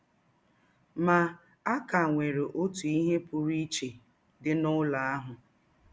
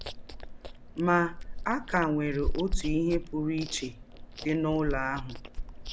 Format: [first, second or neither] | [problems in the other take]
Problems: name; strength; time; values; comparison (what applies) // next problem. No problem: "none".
first | background sound (Chewing, mastication); 5 dB below the speech